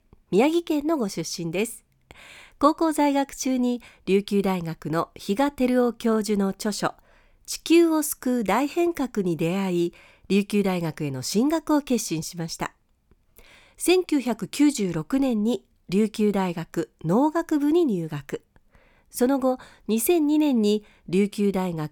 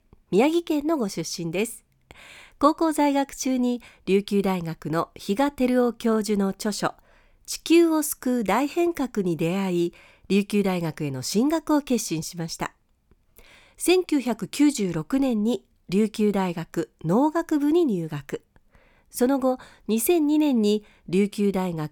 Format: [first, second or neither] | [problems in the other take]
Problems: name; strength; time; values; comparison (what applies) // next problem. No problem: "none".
neither | none